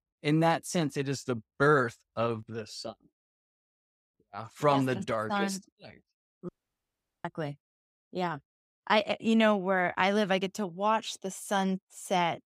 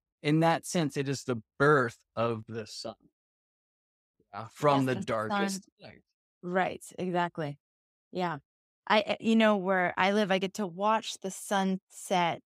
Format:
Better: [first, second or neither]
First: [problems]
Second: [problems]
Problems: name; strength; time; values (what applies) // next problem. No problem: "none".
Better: second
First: audio cutting out; at 6.5 s for 1 s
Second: none